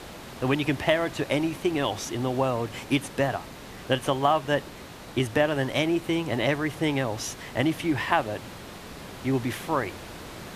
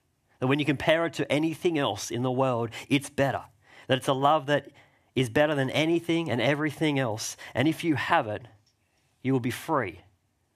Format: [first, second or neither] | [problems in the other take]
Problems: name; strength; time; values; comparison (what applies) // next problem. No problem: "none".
second | hiss; noticeable; throughout; 15 dB below the speech